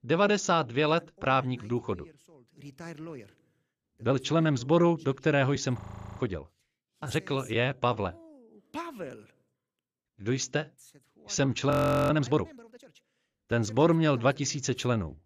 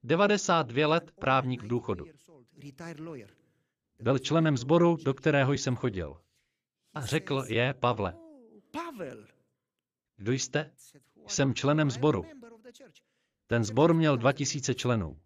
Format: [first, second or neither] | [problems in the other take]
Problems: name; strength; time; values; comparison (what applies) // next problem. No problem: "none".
second | audio freezing; at 6 s and at 12 s